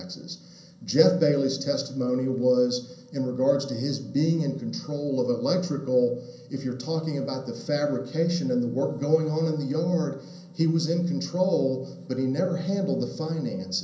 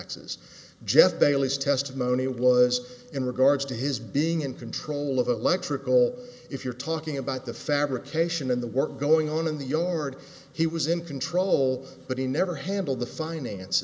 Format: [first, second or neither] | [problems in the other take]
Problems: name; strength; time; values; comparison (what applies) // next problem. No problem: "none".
second | room echo; dies away in 0.6 s